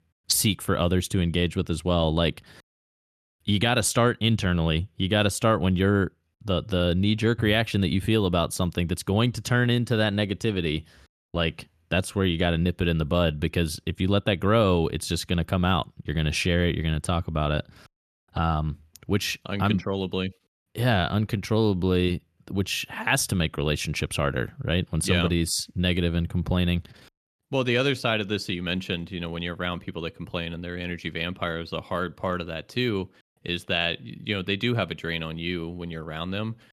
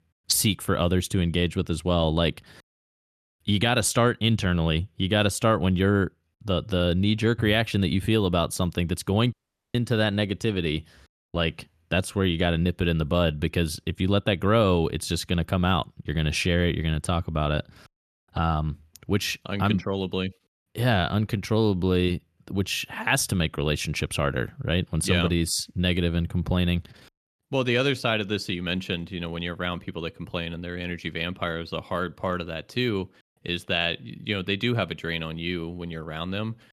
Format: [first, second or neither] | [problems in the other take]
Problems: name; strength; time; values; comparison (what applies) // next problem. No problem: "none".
first | audio cutting out; at 9.5 s